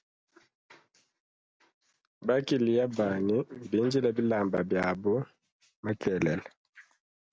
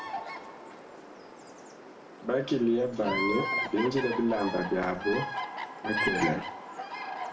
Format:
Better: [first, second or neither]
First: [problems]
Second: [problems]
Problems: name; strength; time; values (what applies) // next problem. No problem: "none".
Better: first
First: none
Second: background sound (Bird vocalization, bird call, bird song); 4 dB below the speech // room echo; dies away in 0.4 s